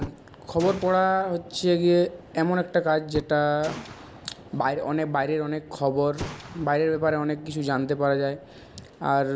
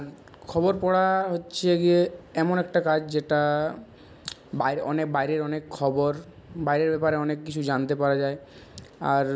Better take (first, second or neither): second